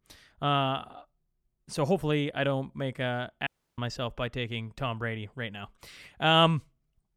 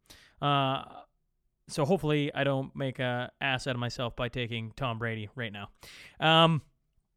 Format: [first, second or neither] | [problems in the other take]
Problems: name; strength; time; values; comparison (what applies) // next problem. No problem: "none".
second | audio cutting out; at 3.5 s